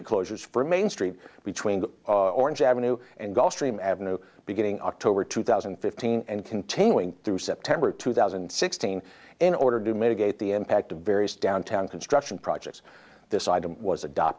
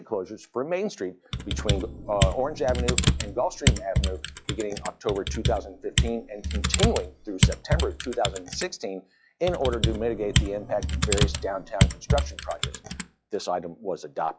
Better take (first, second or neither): first